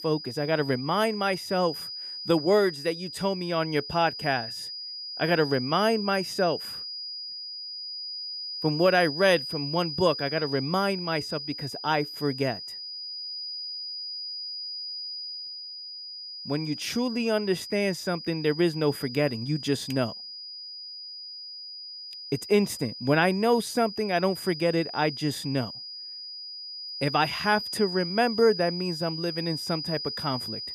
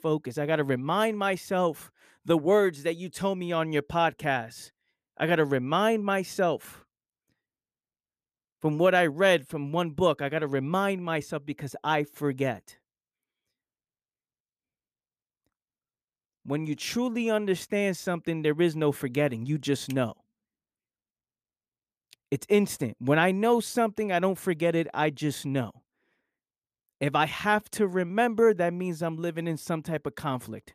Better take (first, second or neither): second